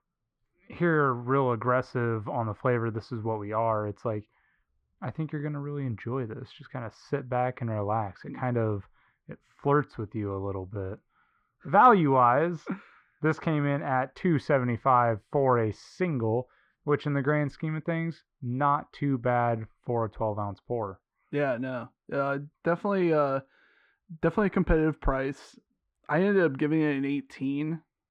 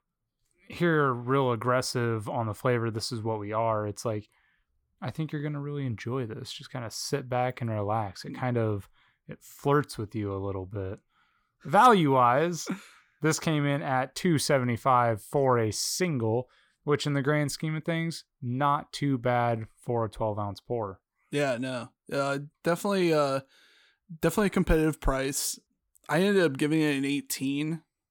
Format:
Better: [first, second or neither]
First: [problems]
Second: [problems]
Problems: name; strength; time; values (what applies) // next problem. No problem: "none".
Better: second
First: muffled; very; fading above 1.5 kHz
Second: none